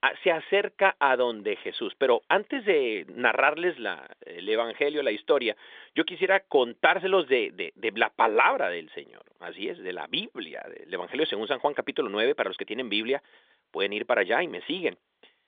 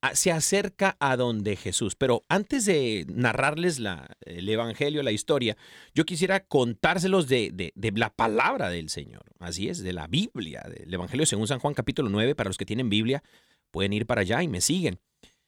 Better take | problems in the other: second | phone-call audio

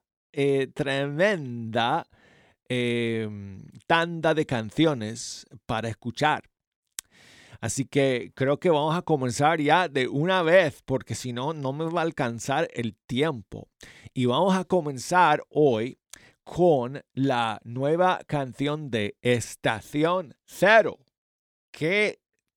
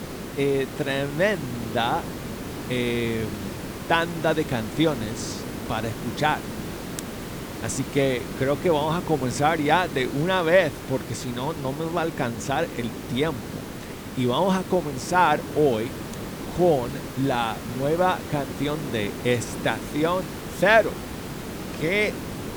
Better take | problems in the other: first | hiss; loud; throughout; 9 dB below the speech

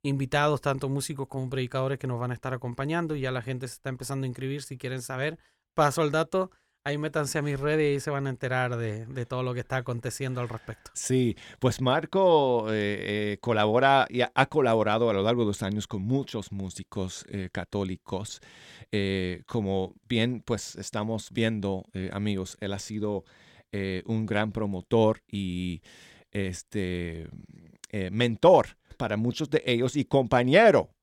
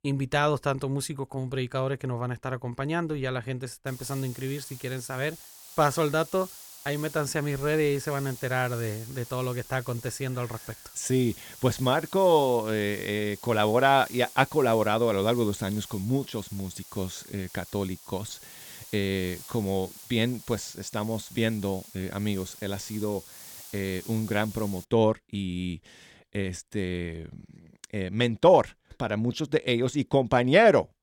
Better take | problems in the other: first | hiss; noticeable; from 4 to 25 s; 15 dB below the speech

